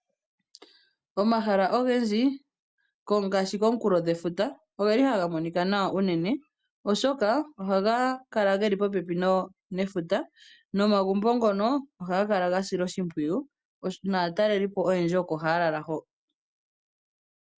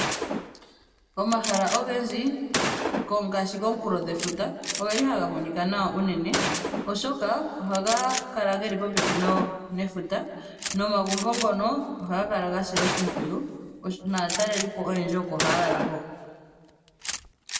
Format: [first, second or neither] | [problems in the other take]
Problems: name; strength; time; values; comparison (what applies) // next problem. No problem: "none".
first | background sound (Gunshot, gunfire); 5 dB below the speech // room echo; dies away in 1.9 s